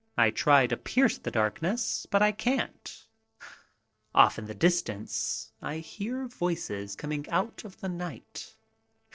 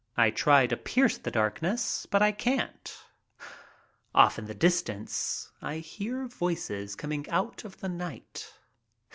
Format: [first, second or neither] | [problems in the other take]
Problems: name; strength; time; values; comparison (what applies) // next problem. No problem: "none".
second | noise reduction (neural separator model SepFormer DNS4)